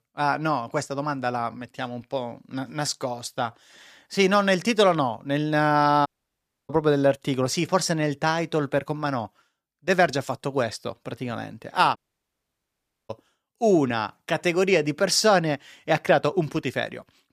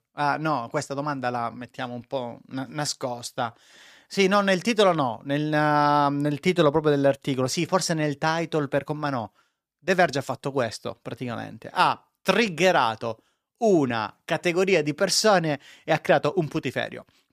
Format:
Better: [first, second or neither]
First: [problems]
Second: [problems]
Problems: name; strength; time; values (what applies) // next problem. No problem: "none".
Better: second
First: audio cutting out; at 6 s for 0.5 s and at 12 s for 1 s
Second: none